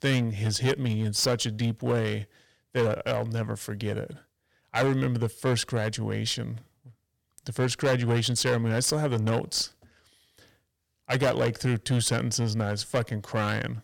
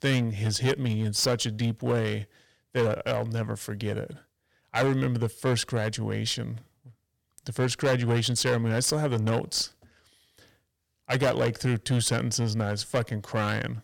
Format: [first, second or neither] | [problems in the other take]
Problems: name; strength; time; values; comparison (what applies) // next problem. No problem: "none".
neither | distortion; slight; 6% of the sound clipped; the same in both